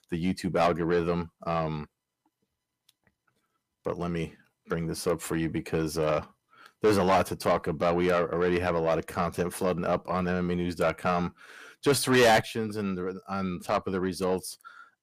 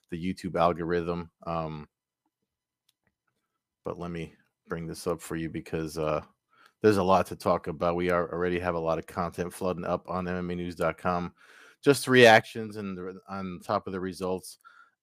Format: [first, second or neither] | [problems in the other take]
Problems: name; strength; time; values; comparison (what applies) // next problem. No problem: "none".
second | distortion; heavy; 6 dB below the speech